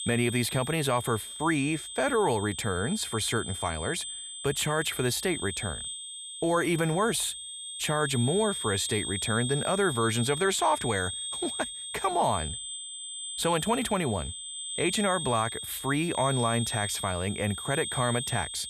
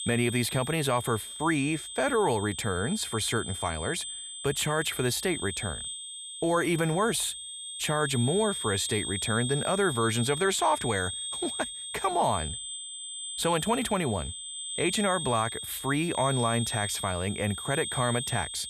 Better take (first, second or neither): neither